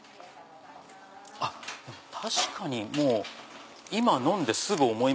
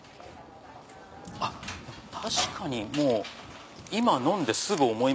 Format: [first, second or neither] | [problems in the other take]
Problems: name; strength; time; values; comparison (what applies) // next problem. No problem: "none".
first | background sound (Thunder); 19 dB below the speech